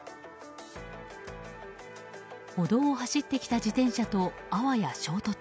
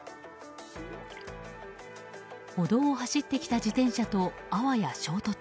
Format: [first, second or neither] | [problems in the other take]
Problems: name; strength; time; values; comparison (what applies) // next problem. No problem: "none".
first | background sound (Gurgling); 18 dB below the speech